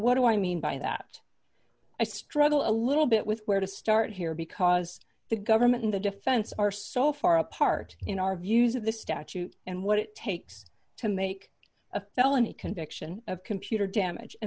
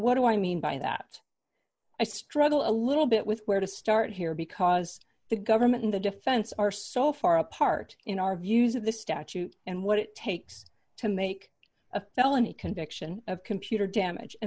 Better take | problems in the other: first | noise reduction (neural mask model Resemble Enhance denoiser)

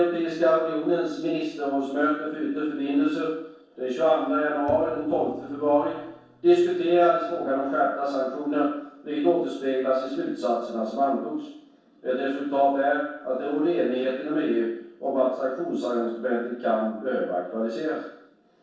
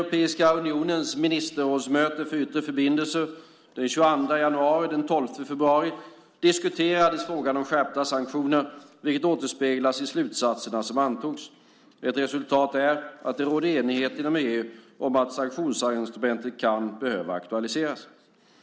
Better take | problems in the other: second | noise reduction (neural separator model SepFormer DNS4)

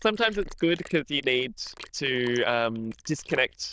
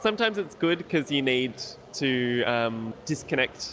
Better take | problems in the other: second | noise reduction (neural diffusion model UNIVERSE++)

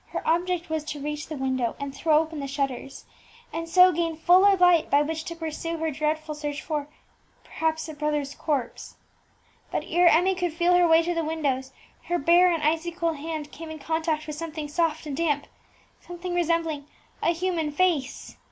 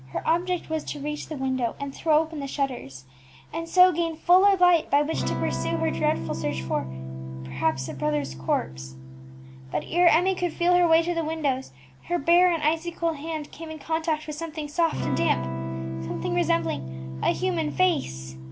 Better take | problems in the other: first | background sound (Electric guitar / Strum); 9 dB below the speech

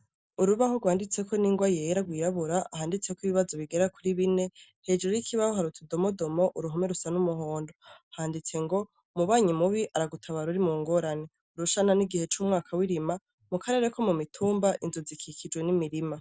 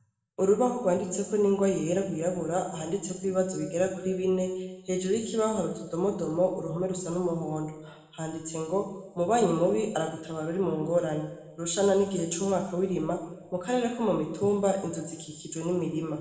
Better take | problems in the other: first | room echo; dies away in 1.1 s

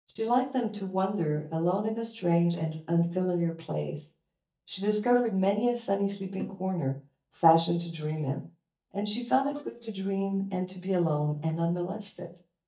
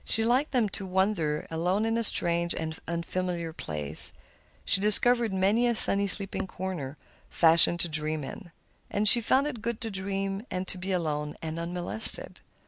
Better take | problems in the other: second | noise reduction (neural mask model DeepFilterNet 3)

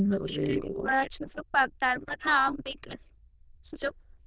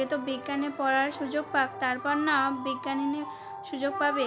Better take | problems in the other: second | noise reduction (neural diffusion model UNIVERSE++)

